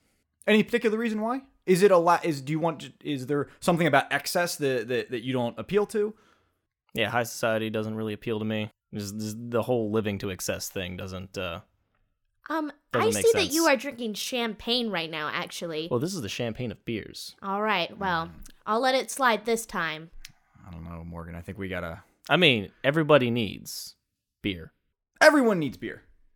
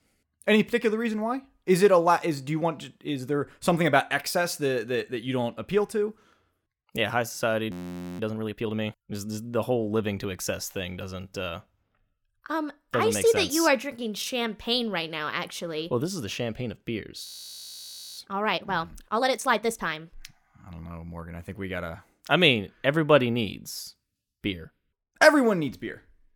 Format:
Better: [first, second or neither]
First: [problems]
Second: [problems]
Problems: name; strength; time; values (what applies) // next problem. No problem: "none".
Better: first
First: none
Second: audio freezing; at 7.5 s and at 17 s for 1 s